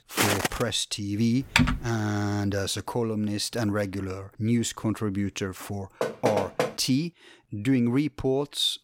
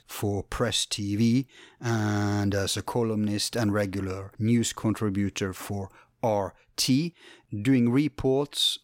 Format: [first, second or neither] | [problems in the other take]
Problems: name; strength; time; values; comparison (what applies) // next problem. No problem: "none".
second | footsteps; loud; at the start; peak 4 dB above the speech // keyboard typing; loud; at 1.5 s; peak 5 dB above the speech // door banging; loud; at 6 s; peak 1 dB above the speech